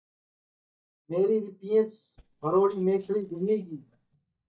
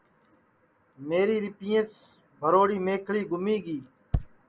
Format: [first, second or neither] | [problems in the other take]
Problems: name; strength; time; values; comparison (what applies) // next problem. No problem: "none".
second | noise reduction (neural mask model DeepFilterNet 3)